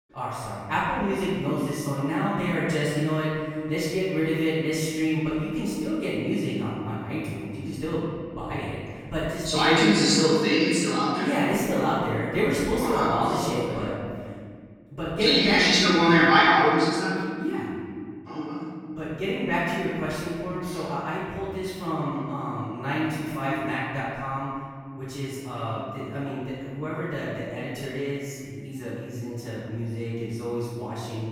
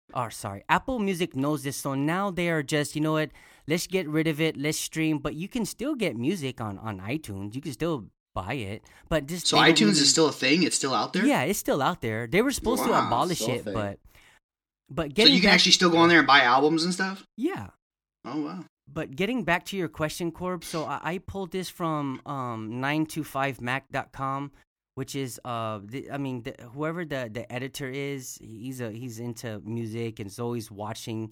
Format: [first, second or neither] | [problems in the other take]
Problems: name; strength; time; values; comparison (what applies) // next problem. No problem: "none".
second | off-mic speech; far // room echo; strong; dies away in 2 s